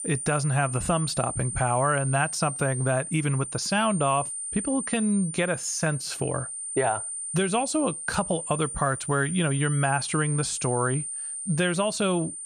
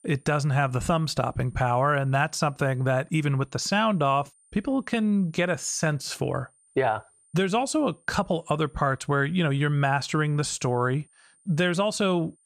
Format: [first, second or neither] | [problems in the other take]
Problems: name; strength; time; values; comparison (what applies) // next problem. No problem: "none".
second | high-pitched whine; loud; throughout; 9 kHz, 5 dB below the speech; faint in the second